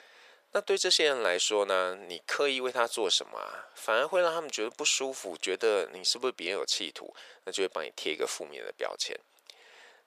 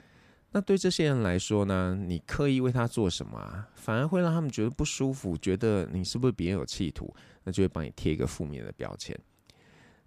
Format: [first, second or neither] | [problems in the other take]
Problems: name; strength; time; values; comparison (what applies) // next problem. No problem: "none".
second | thin; very; fading below 500 Hz